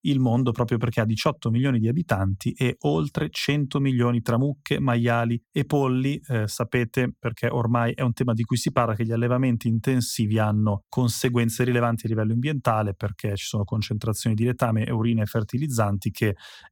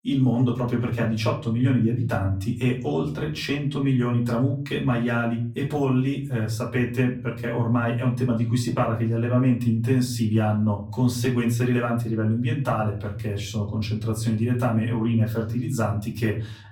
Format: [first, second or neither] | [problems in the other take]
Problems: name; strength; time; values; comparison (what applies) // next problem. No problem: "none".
first | off-mic speech; far // room echo; very slight; dies away in 0.4 s